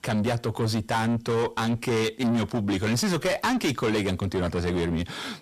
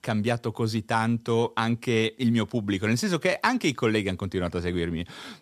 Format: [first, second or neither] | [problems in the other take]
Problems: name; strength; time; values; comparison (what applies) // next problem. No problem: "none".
second | distortion; heavy; 7 dB below the speech